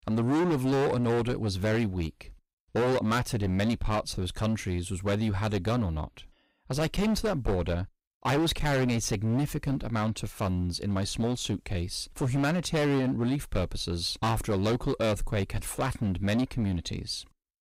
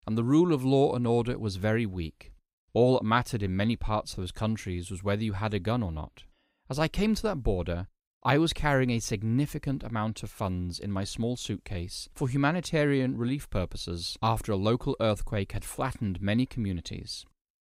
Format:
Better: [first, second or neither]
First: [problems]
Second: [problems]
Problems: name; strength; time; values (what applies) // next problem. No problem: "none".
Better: second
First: distortion; heavy; 16% of the sound clipped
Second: none